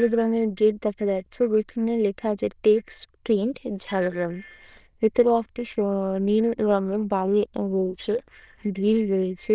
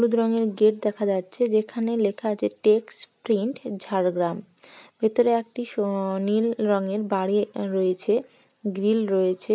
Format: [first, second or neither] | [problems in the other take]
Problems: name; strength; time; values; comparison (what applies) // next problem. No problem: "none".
second | noise reduction (neural diffusion model UNIVERSE++)